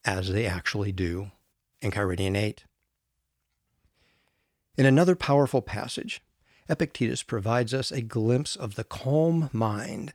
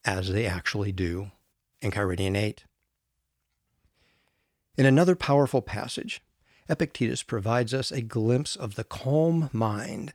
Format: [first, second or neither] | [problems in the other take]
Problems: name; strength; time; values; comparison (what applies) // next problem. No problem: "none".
neither | none